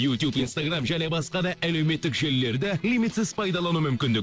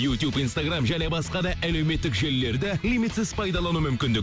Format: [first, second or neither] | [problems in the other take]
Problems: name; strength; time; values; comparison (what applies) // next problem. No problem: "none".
second | noise reduction (neural separator model SepFormer DNS4)